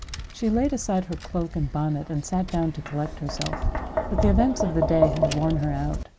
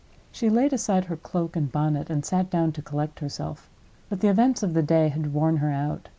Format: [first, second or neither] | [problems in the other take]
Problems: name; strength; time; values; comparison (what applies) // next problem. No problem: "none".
second | background sound (Tap); 2 dB below the speech